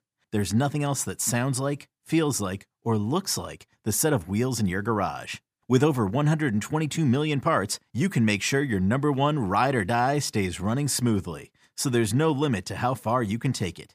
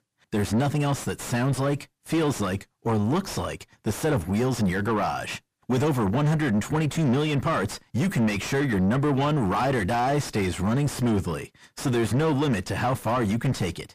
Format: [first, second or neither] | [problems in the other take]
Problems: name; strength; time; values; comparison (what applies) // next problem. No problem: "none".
first | distortion; heavy; 5 dB below the speech